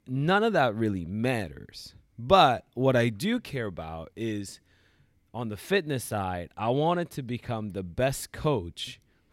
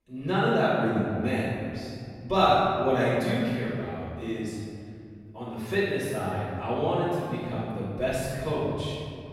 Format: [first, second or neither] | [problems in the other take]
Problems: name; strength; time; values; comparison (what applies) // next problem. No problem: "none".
first | off-mic speech; far // room echo; strong; dies away in 2.2 s